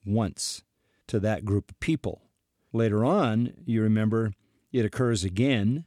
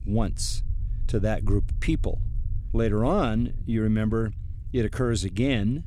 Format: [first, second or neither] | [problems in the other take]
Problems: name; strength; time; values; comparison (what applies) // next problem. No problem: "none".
first | low rumble; faint; throughout; 20 dB below the speech